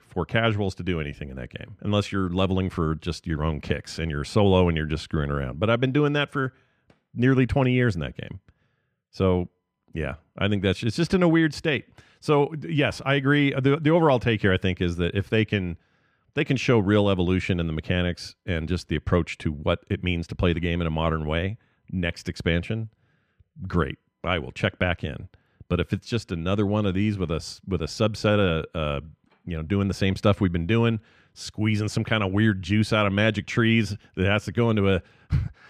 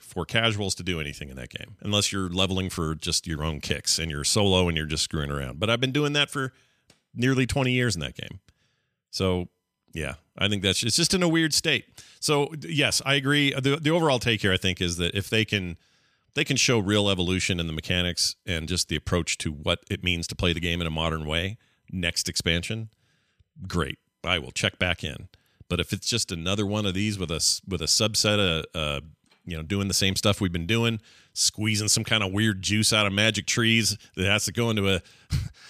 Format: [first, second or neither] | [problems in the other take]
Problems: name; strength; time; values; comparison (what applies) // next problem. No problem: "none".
second | muffled; very; fading above 3.5 kHz